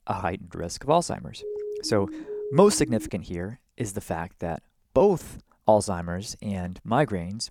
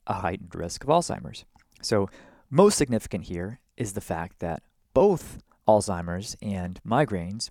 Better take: second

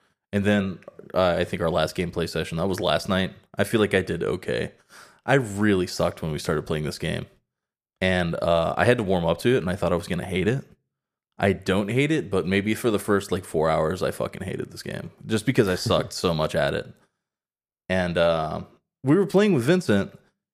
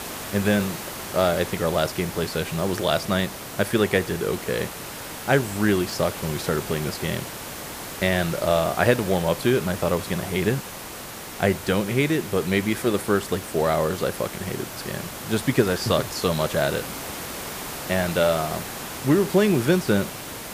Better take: first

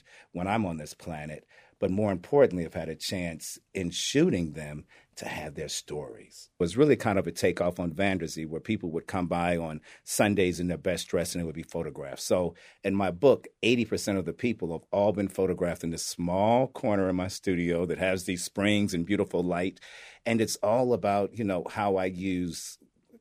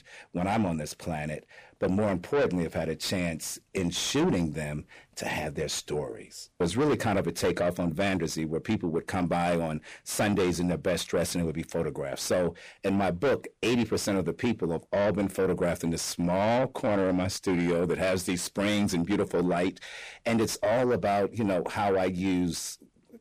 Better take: first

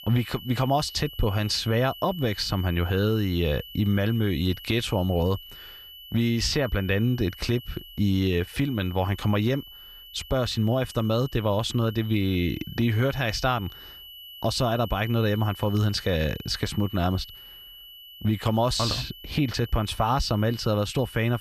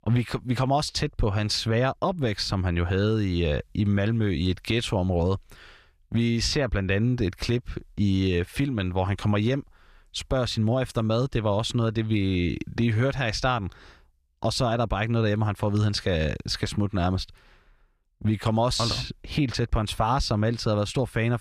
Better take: second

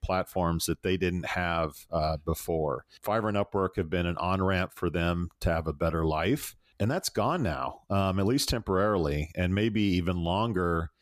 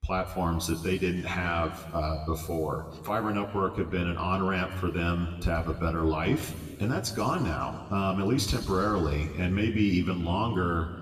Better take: first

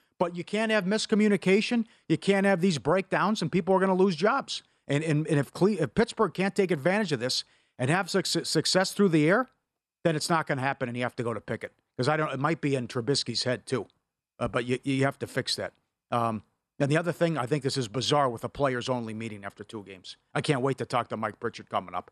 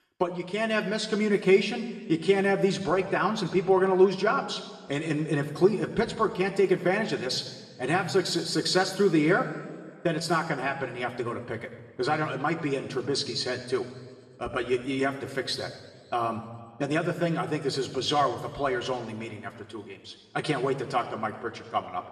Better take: first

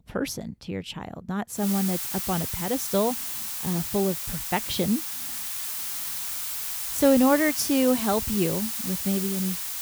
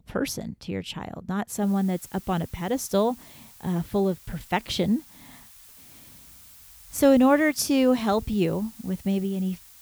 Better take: second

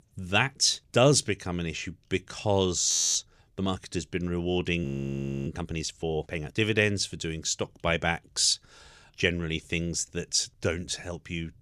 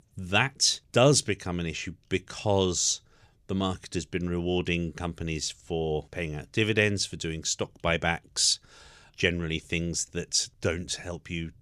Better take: second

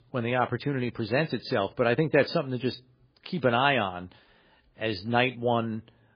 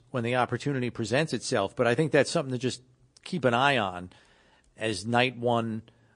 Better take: second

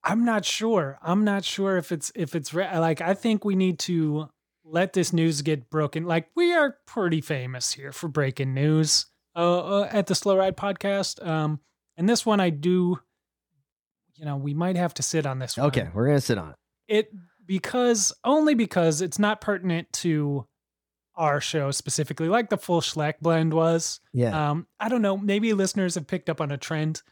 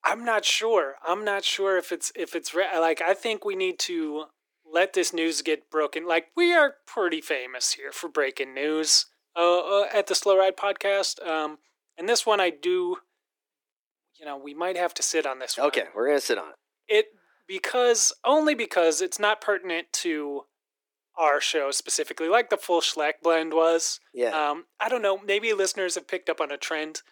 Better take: first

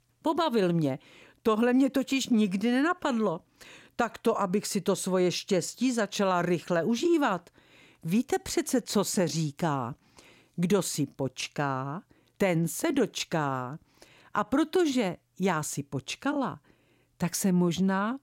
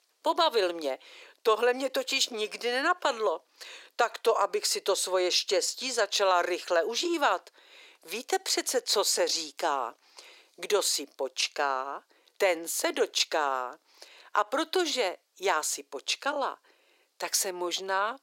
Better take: first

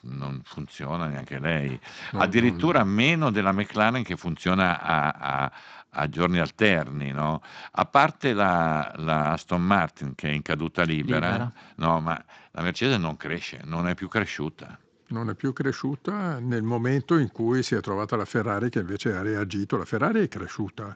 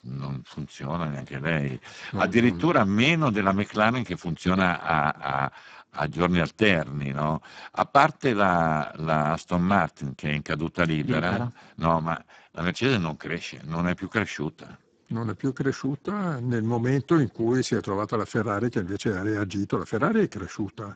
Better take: first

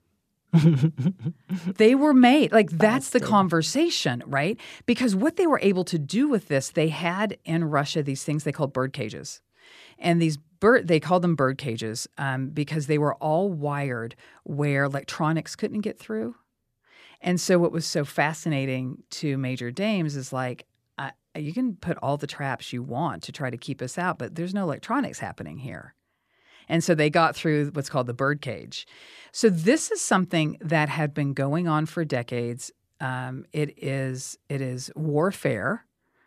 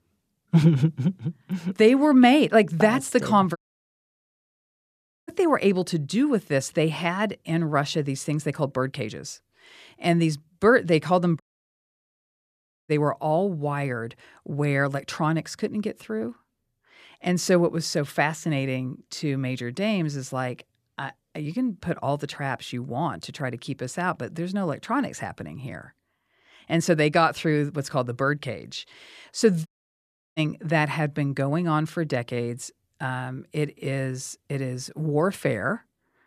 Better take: first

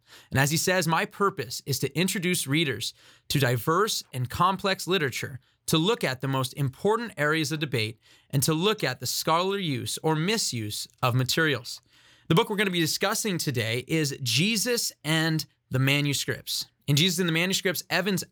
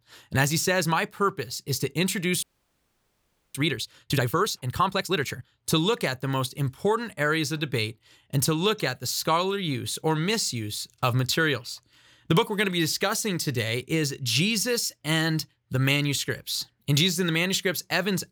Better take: first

